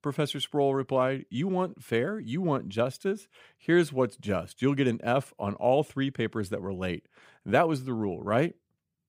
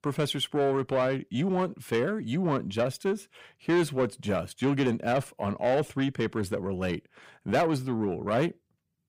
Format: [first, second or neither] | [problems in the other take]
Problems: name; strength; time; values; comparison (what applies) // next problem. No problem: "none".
first | distortion; slight; 10 dB below the speech